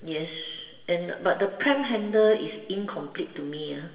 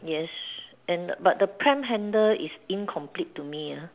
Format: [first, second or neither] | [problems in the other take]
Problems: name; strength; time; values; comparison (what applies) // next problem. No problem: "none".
second | room echo; dies away in 1.2 s